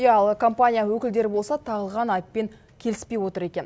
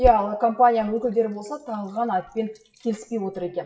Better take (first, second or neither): first